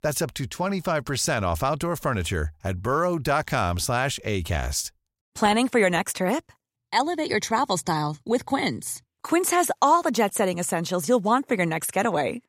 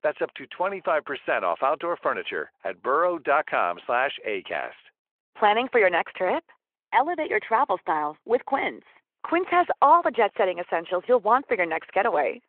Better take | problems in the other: first | phone-call audio

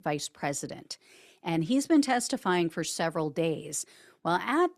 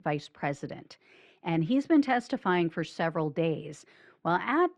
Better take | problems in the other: first | muffled; slightly; fading above 2.5 kHz

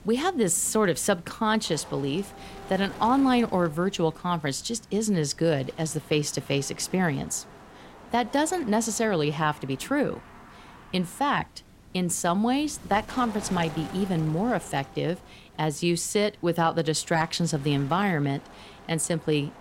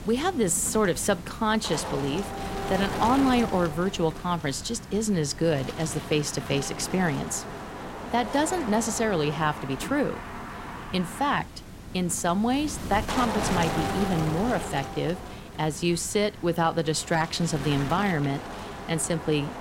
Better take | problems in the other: first | wind noise on the microphone; heavy; 7 dB below the speech; occasional gusts in the first

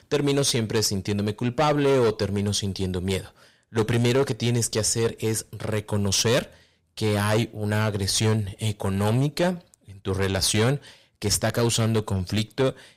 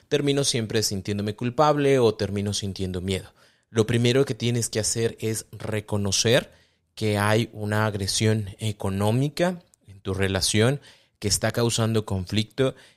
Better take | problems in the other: second | distortion; slight; 10 dB below the speech

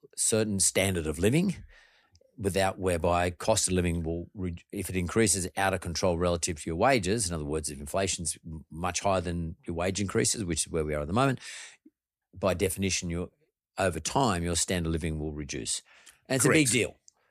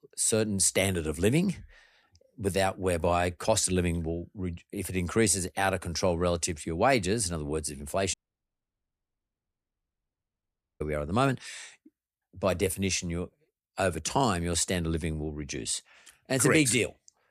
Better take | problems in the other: first | audio cutting out; at 8 s for 2.5 s

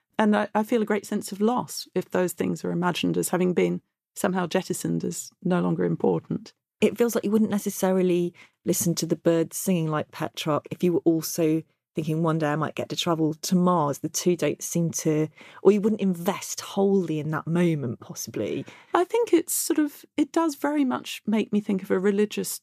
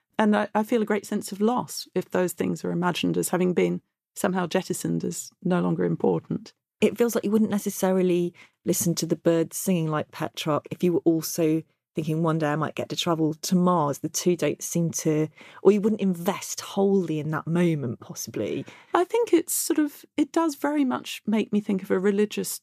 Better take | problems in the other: neither | none

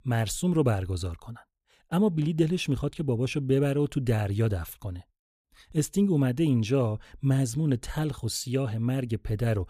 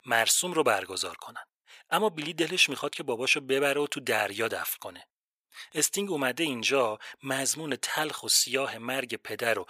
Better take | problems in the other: first | thin; very; fading below 750 Hz

